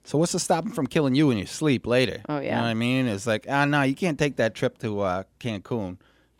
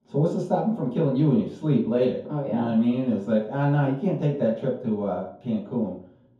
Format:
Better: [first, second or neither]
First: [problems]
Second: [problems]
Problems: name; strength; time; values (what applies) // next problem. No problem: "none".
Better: first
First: none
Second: room echo; noticeable; dies away in 0.6 s // off-mic speech; far